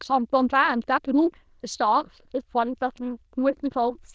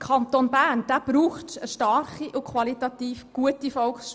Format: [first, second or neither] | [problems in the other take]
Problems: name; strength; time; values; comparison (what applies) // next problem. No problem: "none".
second | noise reduction (neural diffusion model UNIVERSE++)